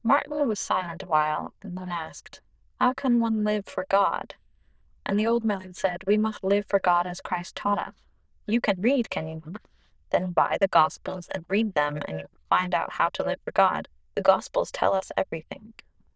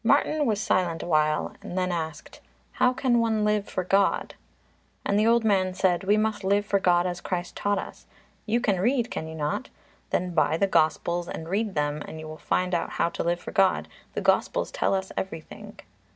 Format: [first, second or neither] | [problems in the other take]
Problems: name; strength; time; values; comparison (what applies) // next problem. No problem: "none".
second | noise reduction (neural diffusion model UNIVERSE++)